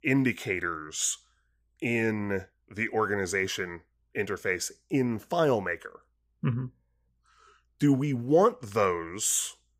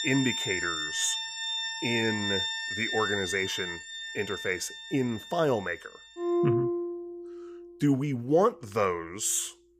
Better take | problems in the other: first | background music; loud; throughout; 2 dB below the speech

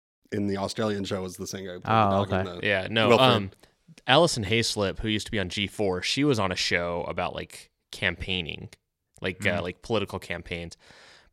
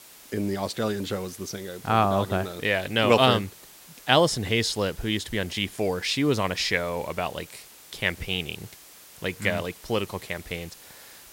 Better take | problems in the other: first | hiss; faint; throughout; 20 dB below the speech

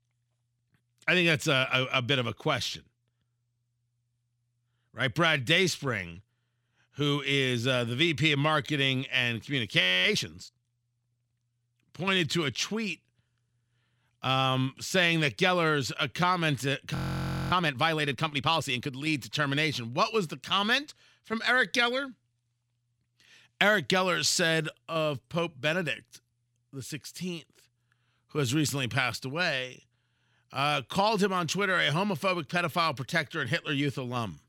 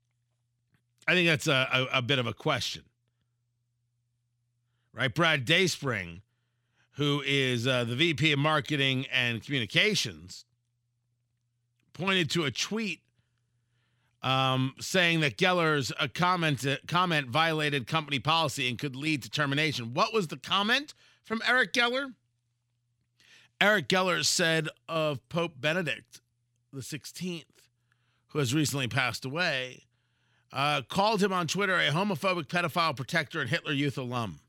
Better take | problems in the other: second | audio freezing; at 10 s and at 17 s for 0.5 s

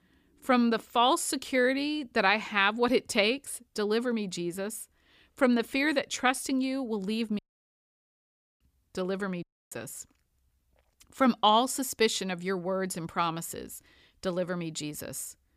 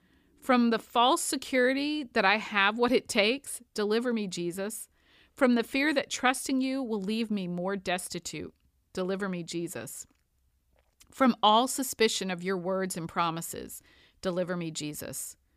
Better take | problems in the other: second | audio cutting out; at 7.5 s for 1 s and at 9.5 s

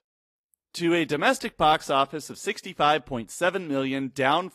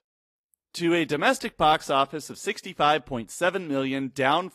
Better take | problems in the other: neither | garbled, watery; slightly; nothing above 15.5 kHz; the same in both

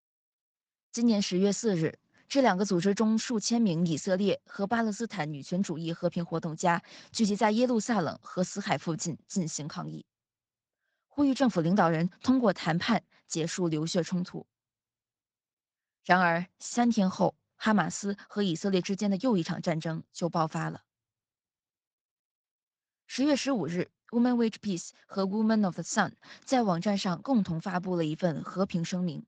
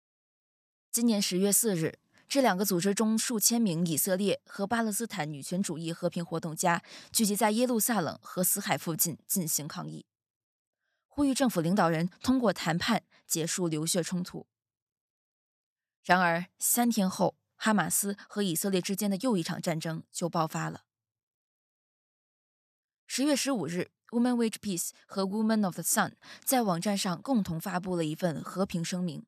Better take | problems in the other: second | garbled, watery; slightly

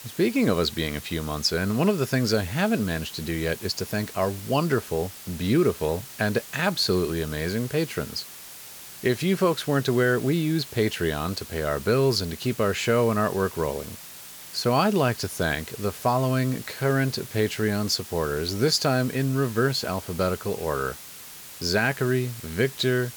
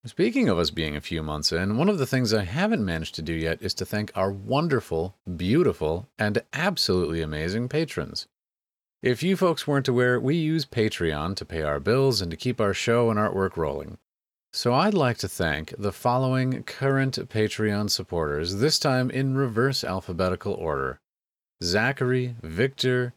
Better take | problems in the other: second | hiss; noticeable; throughout; 15 dB below the speech

